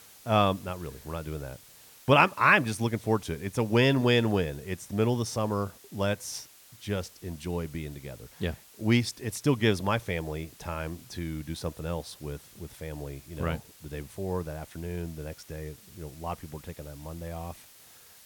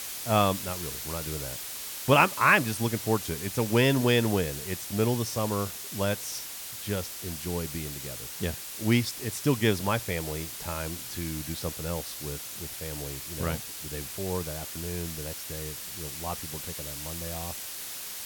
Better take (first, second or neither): first